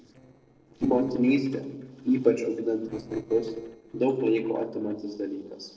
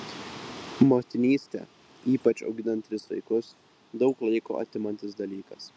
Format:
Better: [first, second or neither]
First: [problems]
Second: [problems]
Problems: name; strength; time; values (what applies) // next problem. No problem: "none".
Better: second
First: noise reduction (neural separator model SepFormer DNS4)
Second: none